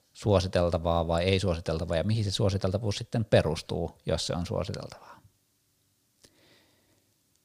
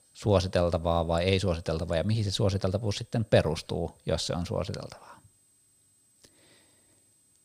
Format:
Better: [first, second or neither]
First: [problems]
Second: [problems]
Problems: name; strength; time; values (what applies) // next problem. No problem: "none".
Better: first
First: none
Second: high-pitched whine; faint; throughout; 8 kHz, 35 dB below the speech